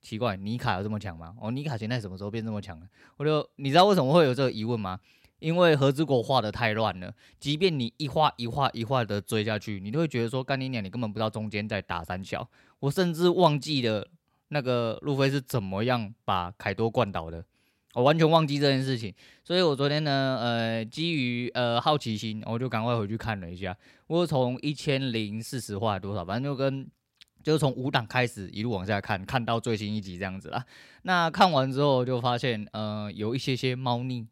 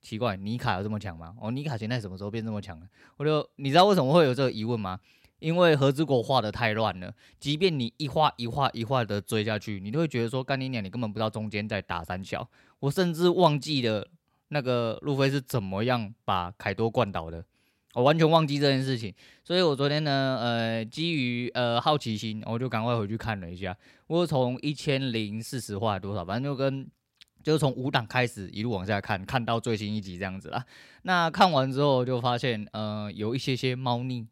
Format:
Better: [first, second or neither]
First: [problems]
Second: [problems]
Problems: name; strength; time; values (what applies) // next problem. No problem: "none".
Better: neither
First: none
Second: none